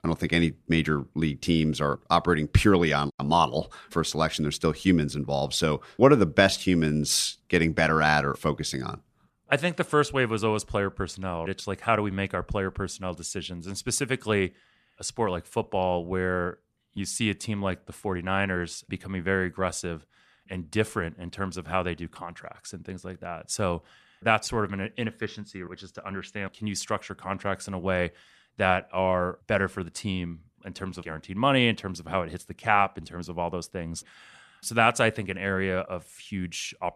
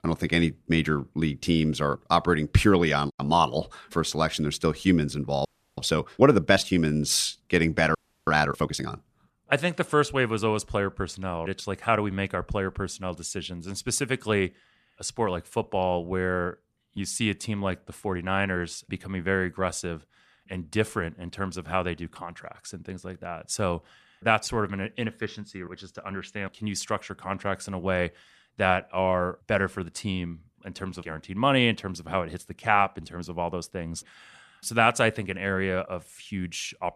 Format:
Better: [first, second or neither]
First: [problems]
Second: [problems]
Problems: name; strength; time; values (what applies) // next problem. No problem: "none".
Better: first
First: none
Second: audio freezing; at 5.5 s and at 8 s